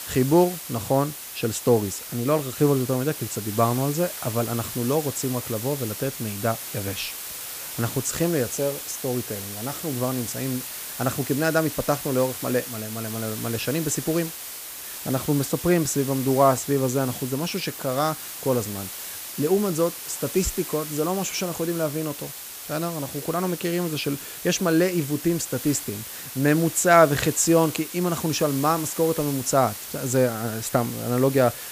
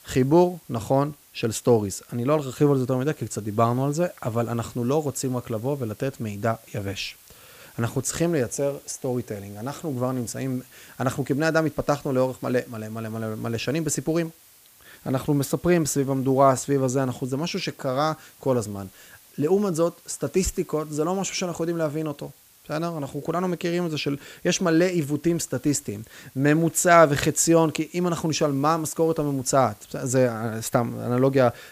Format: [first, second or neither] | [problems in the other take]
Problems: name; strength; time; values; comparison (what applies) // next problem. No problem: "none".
second | hiss; loud; throughout; 8 dB below the speech; faint in the second